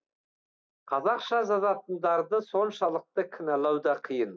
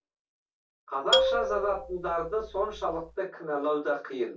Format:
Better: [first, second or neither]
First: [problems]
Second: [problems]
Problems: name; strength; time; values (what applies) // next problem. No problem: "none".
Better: first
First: none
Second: background sound (Marimba, xylophone); 1 dB above the speech // room echo; dies away in 0.1 s